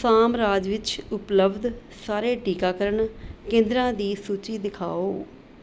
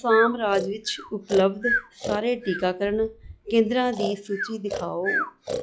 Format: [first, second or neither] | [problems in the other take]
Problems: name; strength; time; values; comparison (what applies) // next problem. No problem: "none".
first | noise reduction (classical method log-MMSE)